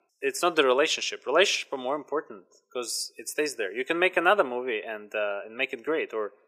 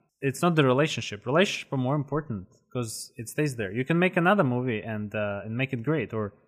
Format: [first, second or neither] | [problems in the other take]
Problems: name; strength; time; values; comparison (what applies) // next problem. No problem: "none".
second | thin; very; fading below 400 Hz